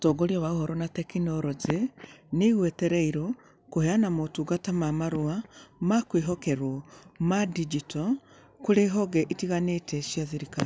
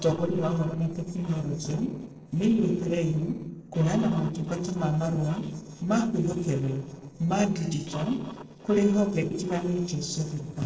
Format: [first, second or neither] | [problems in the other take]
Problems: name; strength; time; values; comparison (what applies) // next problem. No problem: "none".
first | noise reduction (neural separator model SepFormer DNS4)